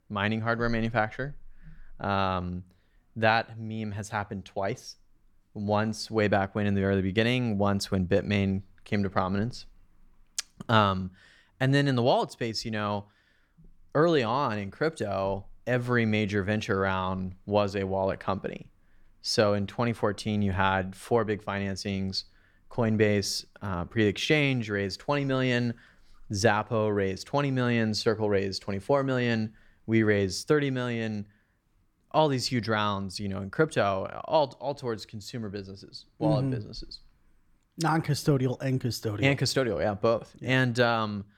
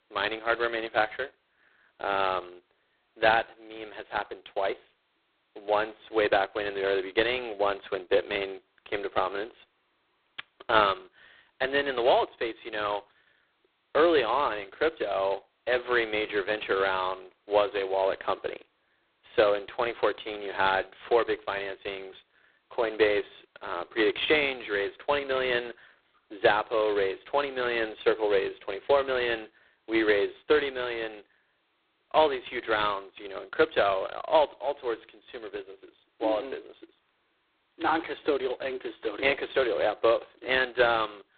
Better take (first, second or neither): first